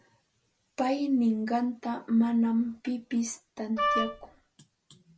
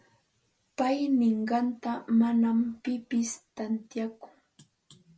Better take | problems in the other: second | background sound (Wind instrument, woodwind instrument); as loud as the speech

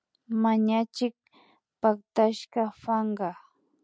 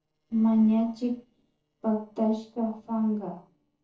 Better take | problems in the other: first | noise reduction (neural separator model SepFormer DNS4)

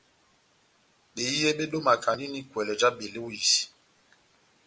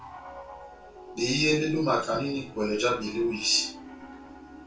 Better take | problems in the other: first | background sound (Piano); 15 dB below the speech // room echo; dies away in 0.2 s

